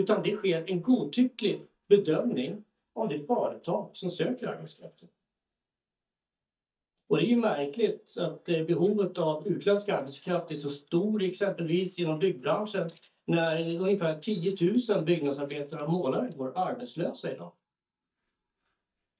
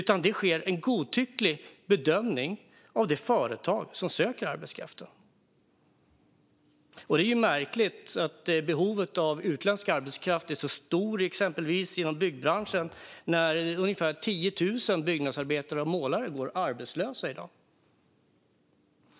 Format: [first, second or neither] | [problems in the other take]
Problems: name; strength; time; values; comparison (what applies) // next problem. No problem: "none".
second | noise reduction (neural mask model DeepFilterNet 3)